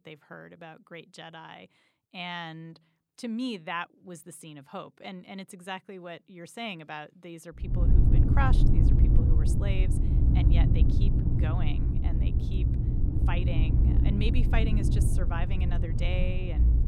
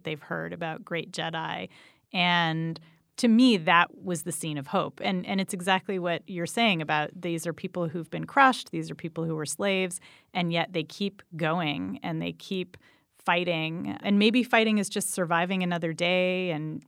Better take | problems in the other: second | low rumble; loud; from 7.5 s on; 1 dB below the speech

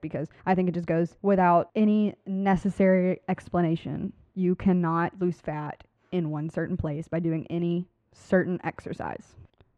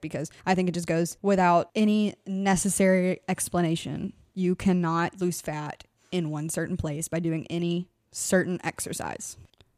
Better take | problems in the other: second | muffled; very; fading above 2 kHz

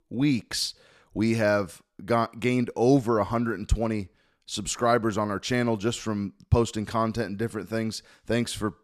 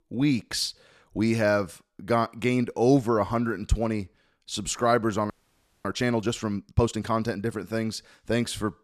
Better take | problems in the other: first | audio freezing; at 5.5 s for 0.5 s

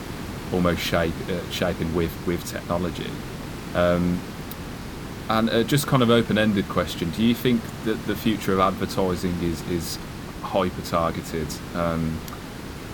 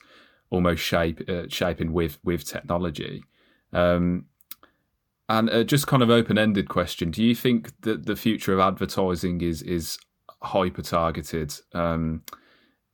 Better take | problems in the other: second | hiss; noticeable; throughout; 10 dB below the speech

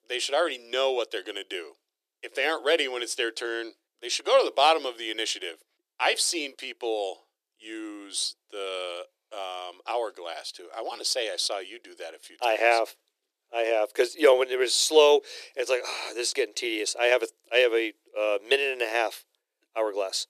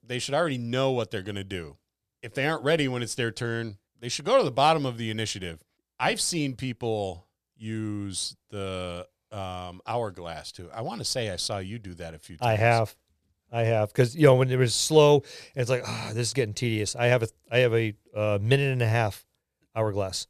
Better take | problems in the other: second | thin; very; fading below 350 Hz

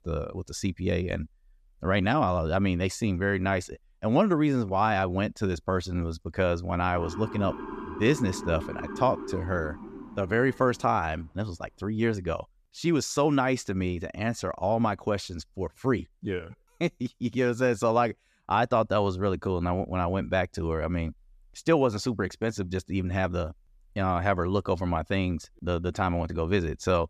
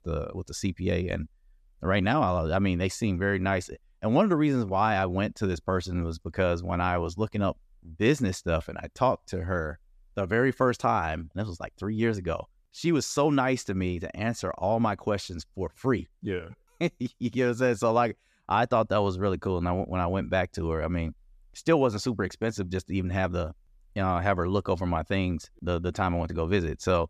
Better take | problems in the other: second | siren; noticeable; from 7 to 11 s; peak 9 dB below the speech

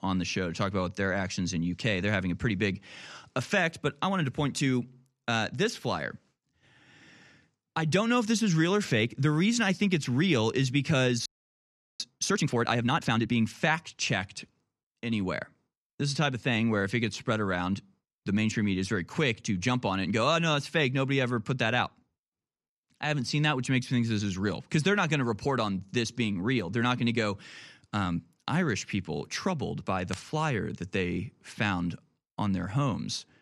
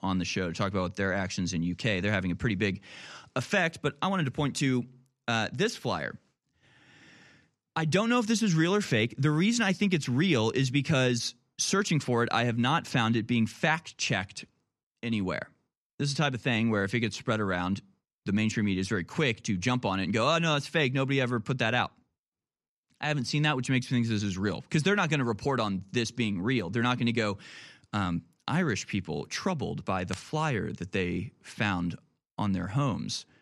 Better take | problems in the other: second | audio freezing; at 11 s for 0.5 s

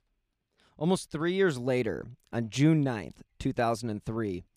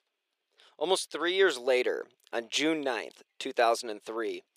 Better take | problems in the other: first | thin; very; fading below 400 Hz

